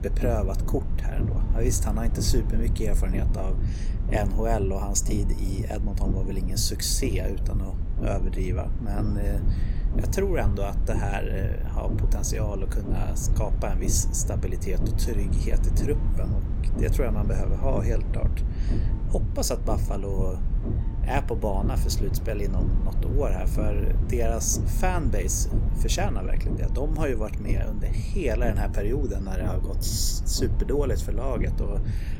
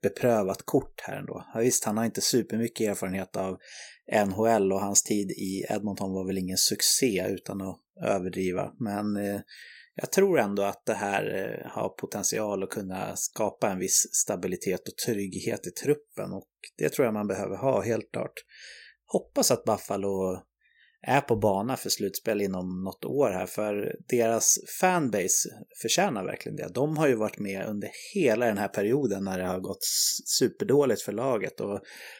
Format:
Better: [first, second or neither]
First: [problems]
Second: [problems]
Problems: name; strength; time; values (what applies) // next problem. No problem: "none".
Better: second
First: low rumble; loud; throughout; 9 dB below the speech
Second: none